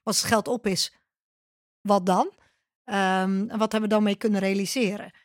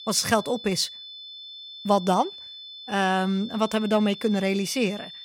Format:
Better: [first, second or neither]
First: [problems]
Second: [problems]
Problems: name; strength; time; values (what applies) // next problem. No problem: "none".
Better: first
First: none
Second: high-pitched whine; noticeable; throughout; 3.5 kHz, 15 dB below the speech